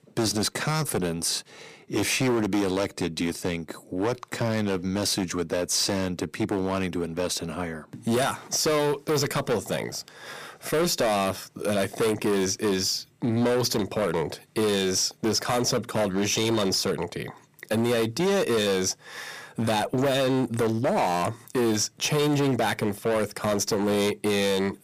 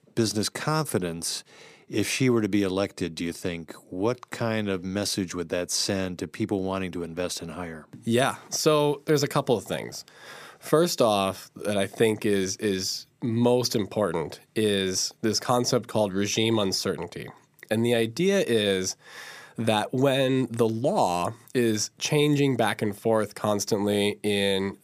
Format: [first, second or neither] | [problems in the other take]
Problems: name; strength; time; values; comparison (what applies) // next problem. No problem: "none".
second | distortion; heavy; 15% of the sound clipped